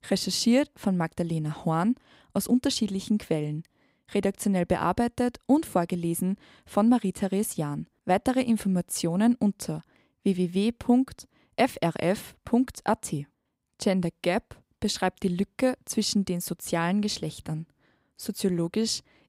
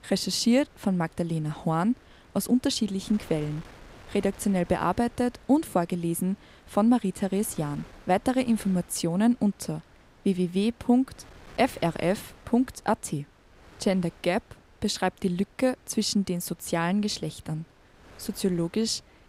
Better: first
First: none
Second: wind noise on the microphone; occasional gusts; 25 dB below the speech

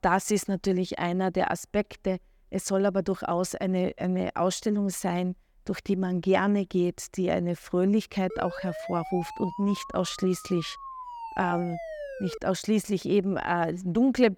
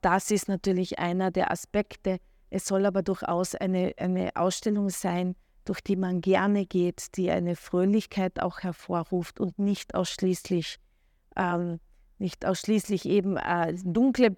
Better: second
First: siren; noticeable; from 8.5 to 12 s; peak 9 dB below the speech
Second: none

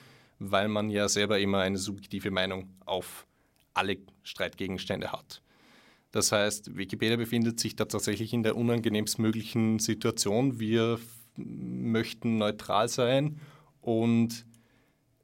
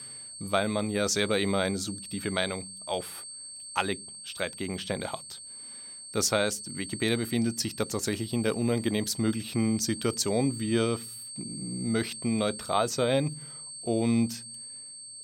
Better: first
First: none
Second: high-pitched whine; noticeable; throughout; 8.5 kHz, 10 dB below the speech

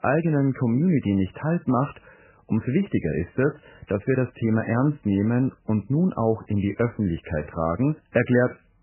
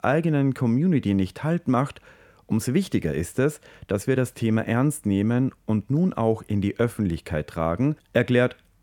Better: second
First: garbled, watery; badly; nothing above 3 kHz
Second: none

